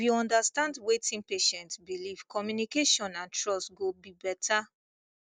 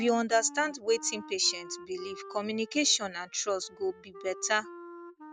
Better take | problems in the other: first | background sound (Wind instrument, woodwind instrument); 17 dB below the speech

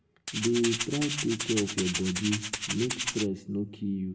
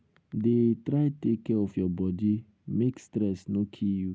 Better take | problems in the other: second | background sound (Rattle (instrument)); 3 dB below the speech // room echo; dies away in 0.5 s

